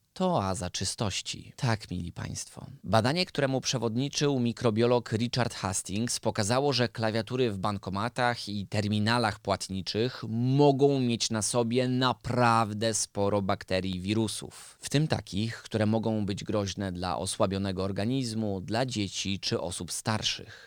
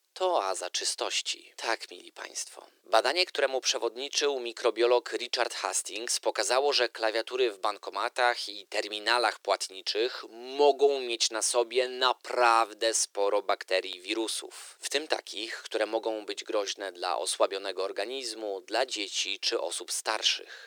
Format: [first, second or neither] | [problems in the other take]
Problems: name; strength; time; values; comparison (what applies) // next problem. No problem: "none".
first | thin; very; fading below 350 Hz